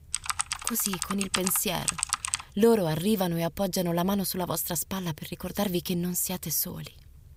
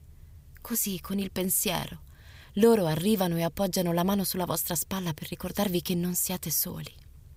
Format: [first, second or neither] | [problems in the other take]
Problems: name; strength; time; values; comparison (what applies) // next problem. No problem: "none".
second | keyboard typing; loud; until 2.5 s; peak 1 dB above the speech